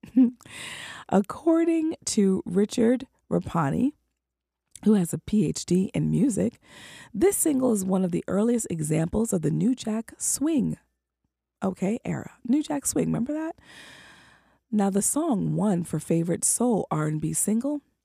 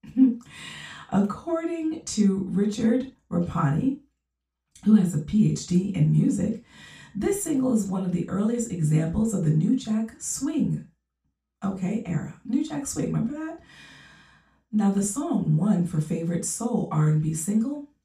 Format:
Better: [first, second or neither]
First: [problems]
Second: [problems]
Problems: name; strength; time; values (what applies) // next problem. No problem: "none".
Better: first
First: none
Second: room echo; slight; dies away in 0.3 s // off-mic speech; far